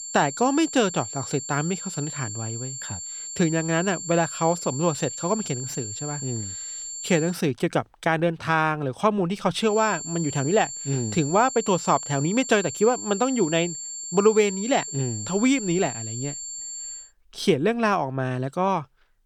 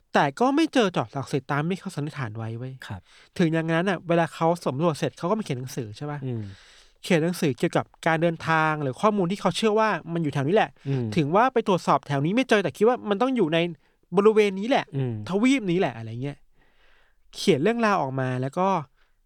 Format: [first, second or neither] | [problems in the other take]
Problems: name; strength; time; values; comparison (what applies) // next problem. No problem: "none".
second | high-pitched whine; loud; until 7.5 s and from 9.5 to 17 s; 7.5 kHz, 8 dB below the speech